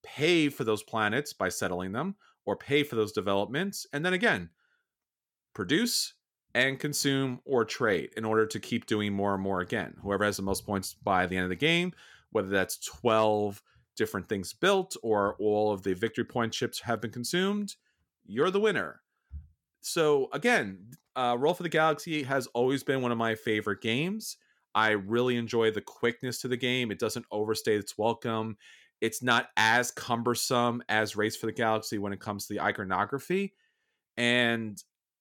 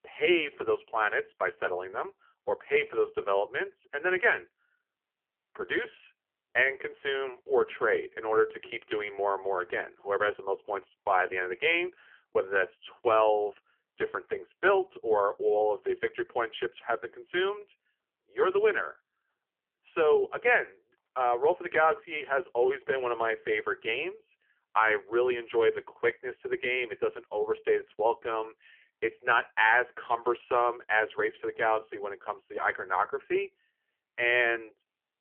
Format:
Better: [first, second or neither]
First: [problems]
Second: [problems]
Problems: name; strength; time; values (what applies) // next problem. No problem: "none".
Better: first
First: none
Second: phone-call audio; poor line; nothing above 3 kHz